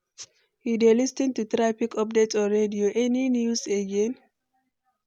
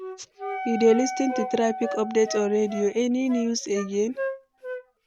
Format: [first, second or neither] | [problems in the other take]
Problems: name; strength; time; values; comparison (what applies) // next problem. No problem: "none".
first | background sound (Wind instrument, woodwind instrument + Wind instrument, woodwind instrument); 8 dB below the speech